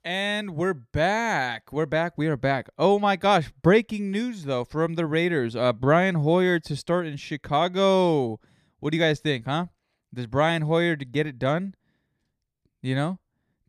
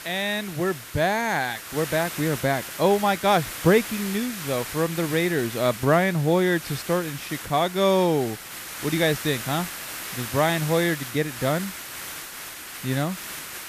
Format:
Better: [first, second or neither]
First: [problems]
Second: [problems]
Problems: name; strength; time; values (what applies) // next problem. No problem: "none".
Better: first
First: none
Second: hiss; loud; throughout; 10 dB below the speech